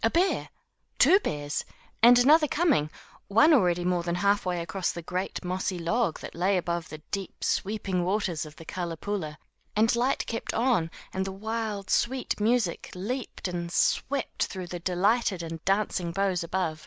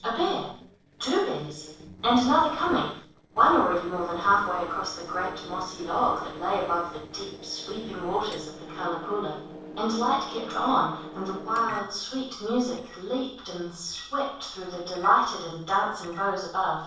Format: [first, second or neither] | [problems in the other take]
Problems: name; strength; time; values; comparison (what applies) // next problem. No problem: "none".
first | noise reduction (neural separator model SepFormer DNS4)